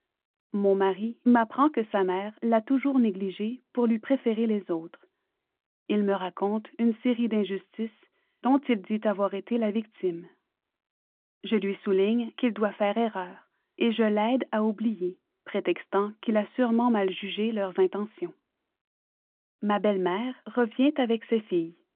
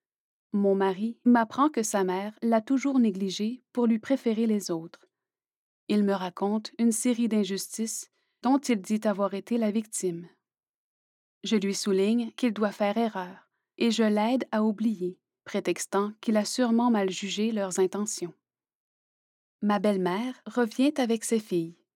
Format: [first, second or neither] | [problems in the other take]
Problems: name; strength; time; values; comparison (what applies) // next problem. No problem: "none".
second | phone-call audio